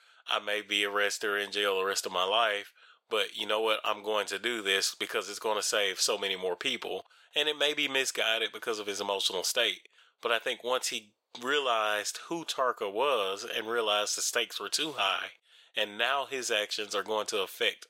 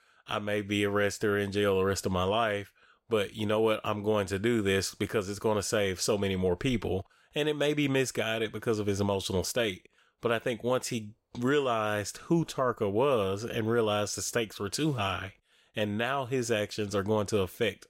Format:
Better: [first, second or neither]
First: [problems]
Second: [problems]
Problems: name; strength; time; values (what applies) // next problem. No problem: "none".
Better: second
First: thin; very; fading below 600 Hz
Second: none